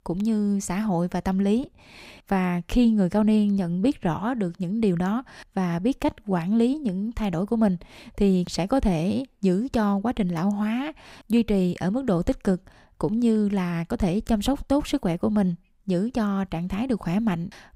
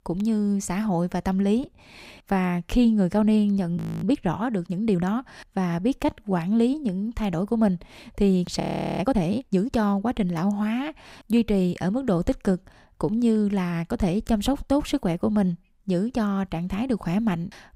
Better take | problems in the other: first | audio freezing; at 4 s and at 8.5 s

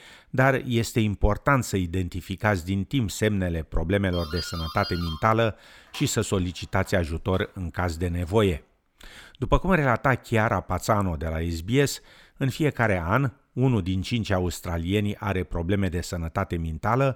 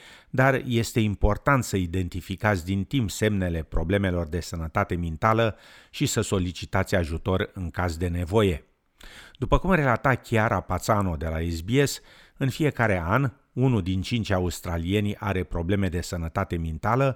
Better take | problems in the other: second | doorbell; noticeable; from 4 to 8.5 s; peak 8 dB below the speech

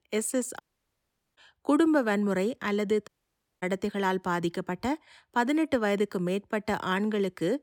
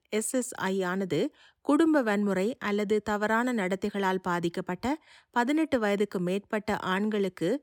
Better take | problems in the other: second | audio cutting out; at 0.5 s for 1 s and at 3 s for 0.5 s

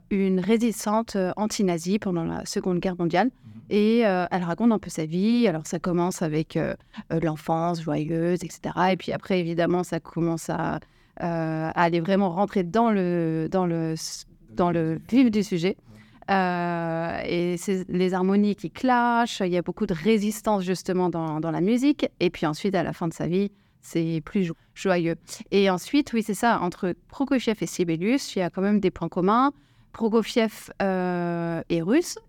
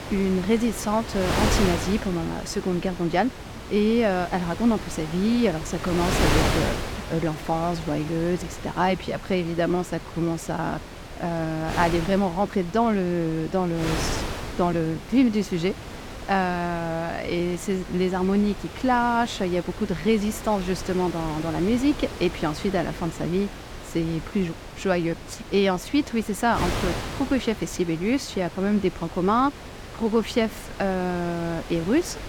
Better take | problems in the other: first | wind noise on the microphone; heavy; 7 dB below the speech

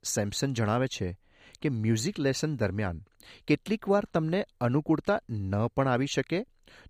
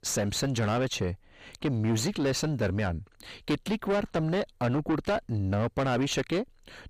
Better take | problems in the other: first | distortion; heavy; 6 dB below the speech

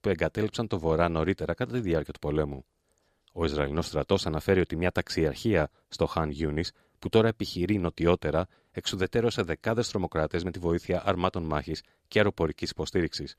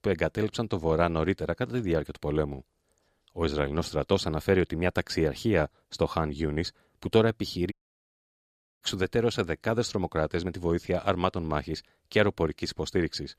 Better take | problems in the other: first | audio cutting out; at 7.5 s for 1 s

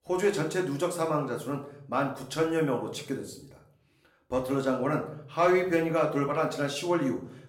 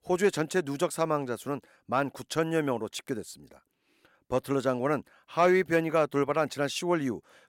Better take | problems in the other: second | room echo; slight; dies away in 0.5 s // off-mic speech; somewhat distant

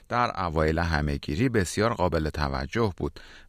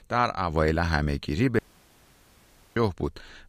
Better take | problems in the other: first | audio cutting out; at 1.5 s for 1 s

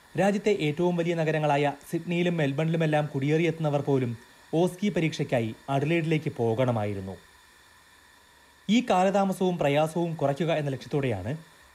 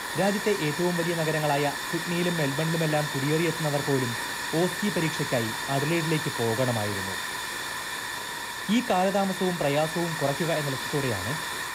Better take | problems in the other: first | hiss; loud; throughout; 3 dB below the speech; faint in the first

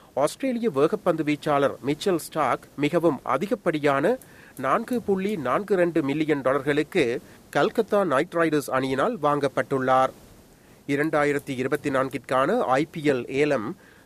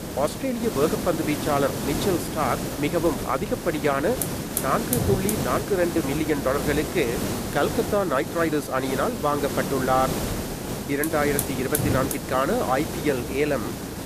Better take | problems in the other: first | hiss; loud; throughout; 3 dB below the speech; faint in the first

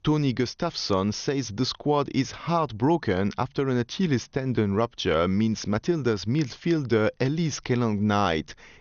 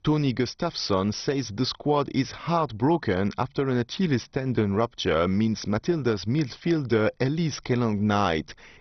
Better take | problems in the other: first | garbled, watery; badly; nothing above 6 kHz; slightly in the first

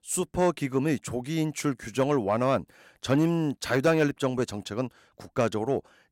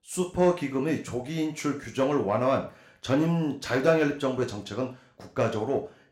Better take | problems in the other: first | room echo; very slight; dies away in 0.4 s

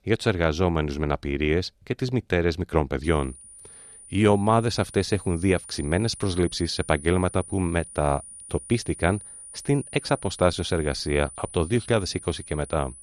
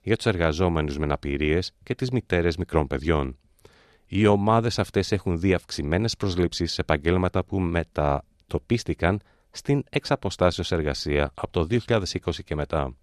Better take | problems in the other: second | high-pitched whine; noticeable; from 3 s on; 9.5 kHz, 15 dB below the speech

